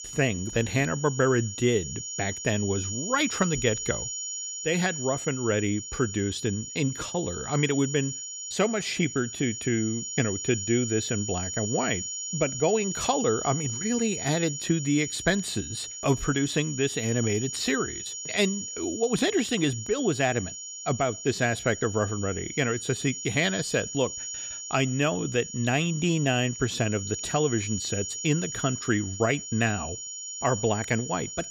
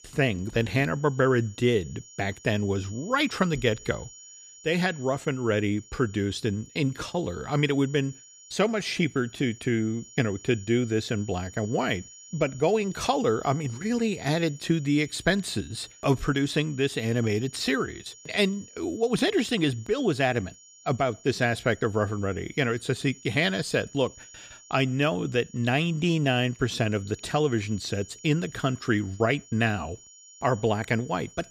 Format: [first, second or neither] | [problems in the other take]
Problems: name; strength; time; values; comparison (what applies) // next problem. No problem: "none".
second | high-pitched whine; loud; throughout; 7 kHz, 6 dB below the speech; faint in the second